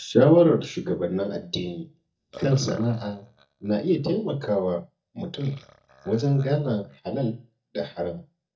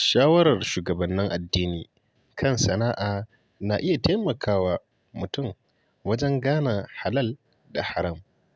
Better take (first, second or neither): second